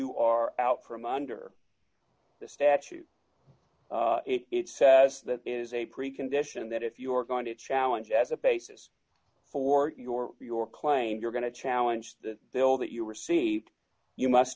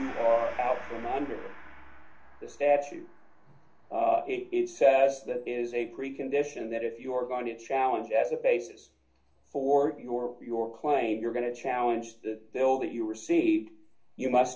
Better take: first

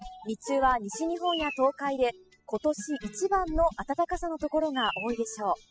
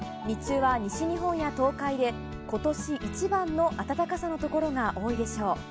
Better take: second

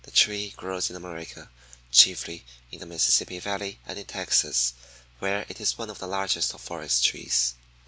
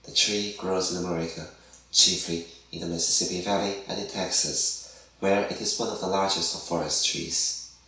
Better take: first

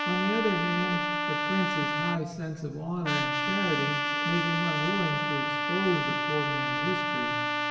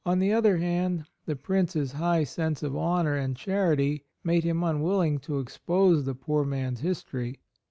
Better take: second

